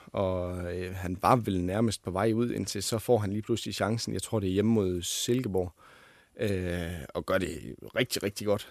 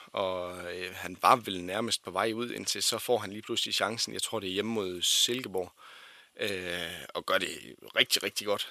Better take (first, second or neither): first